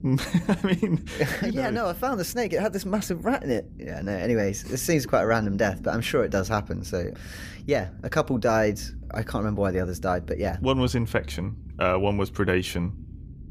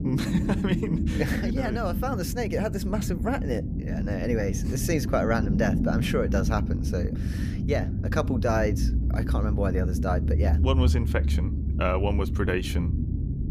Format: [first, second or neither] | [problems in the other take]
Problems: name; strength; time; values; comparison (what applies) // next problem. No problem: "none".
first | low rumble; loud; throughout; 8 dB below the speech; faint in the first